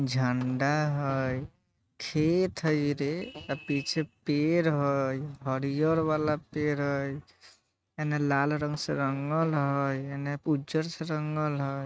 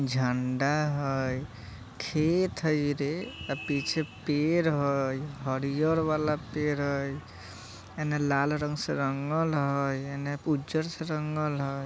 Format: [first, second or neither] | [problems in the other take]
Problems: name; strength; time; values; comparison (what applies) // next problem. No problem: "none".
second | noise reduction (neural mask model RNNoise)